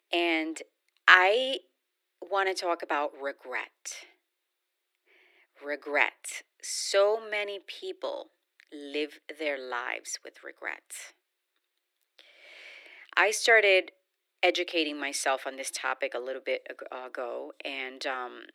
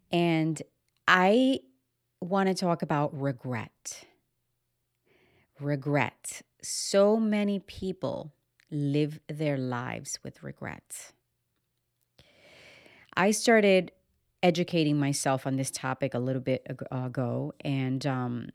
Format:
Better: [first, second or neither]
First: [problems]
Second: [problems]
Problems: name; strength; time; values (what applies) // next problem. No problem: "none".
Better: second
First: thin; very; fading below 350 Hz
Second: none